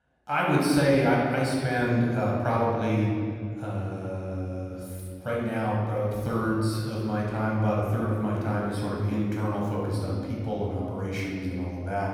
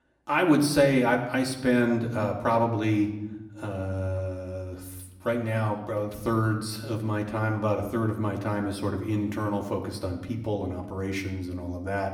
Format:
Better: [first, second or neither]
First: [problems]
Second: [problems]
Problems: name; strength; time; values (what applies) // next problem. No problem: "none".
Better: second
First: room echo; strong; dies away in 2.2 s // off-mic speech; far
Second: room echo; slight; dies away in 0.8 s // off-mic speech; somewhat distant